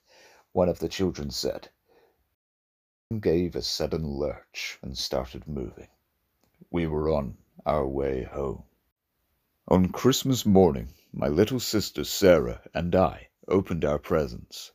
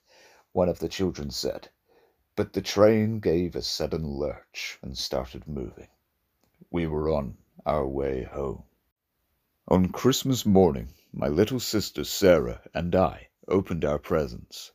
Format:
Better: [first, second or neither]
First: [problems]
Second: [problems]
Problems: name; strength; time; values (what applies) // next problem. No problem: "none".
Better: second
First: audio cutting out; at 2.5 s for 1 s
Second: none